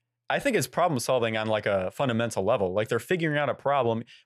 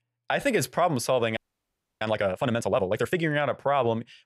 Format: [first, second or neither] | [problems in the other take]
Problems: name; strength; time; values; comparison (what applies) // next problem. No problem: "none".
first | audio freezing; at 1.5 s for 0.5 s